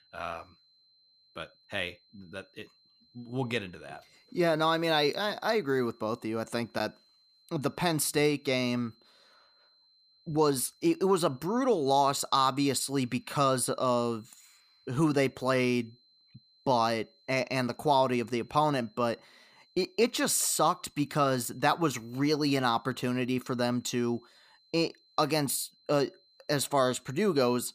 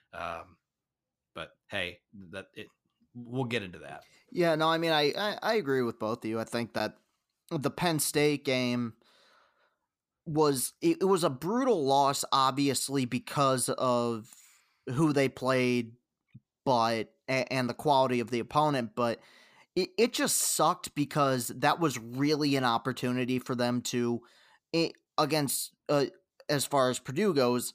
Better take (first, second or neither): second